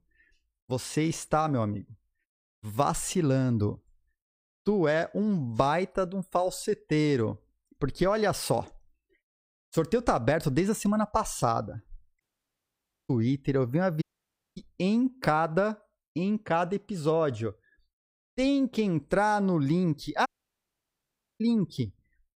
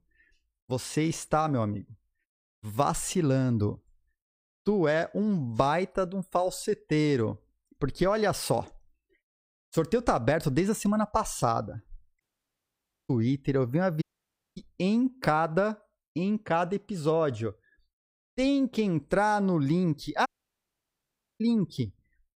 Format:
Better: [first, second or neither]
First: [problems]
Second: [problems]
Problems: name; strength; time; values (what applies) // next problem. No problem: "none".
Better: neither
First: audio cutting out; at 12 s for 1 s, at 14 s for 0.5 s and at 20 s for 1 s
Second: audio cutting out; at 12 s for 1 s, at 14 s for 0.5 s and at 20 s for 1 s